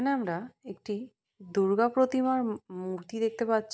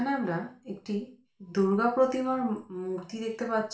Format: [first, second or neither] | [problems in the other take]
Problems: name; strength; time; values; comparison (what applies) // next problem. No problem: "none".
first | room echo; dies away in 0.3 s